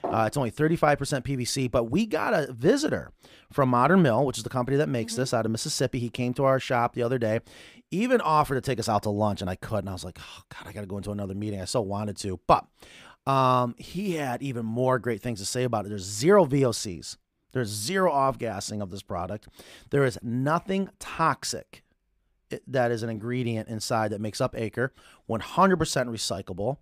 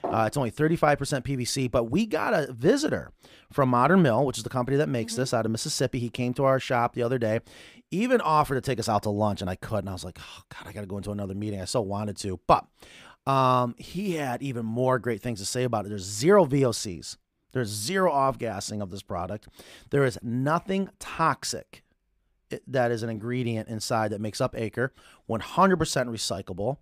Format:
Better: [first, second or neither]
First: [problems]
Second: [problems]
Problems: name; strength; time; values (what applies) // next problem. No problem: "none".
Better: neither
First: none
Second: none